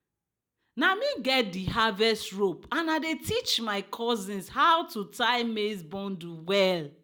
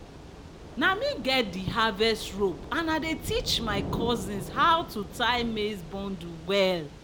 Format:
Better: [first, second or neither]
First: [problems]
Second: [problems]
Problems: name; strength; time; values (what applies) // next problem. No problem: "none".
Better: first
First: none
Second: background sound (Thunder / Rain); 10 dB below the speech